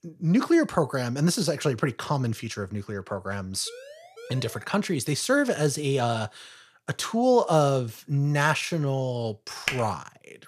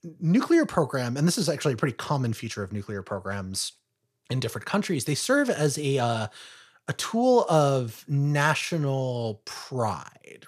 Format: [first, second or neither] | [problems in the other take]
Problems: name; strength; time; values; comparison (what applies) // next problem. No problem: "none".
second | siren; faint; from 3.5 to 4.5 s; peak 20 dB below the speech // keyboard typing; noticeable; at 9.5 s; peak 4 dB below the speech